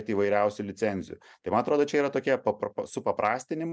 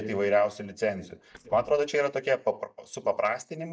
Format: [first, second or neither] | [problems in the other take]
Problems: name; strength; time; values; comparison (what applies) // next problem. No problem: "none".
first | noise reduction (neural mask model DeepFilterNet 3)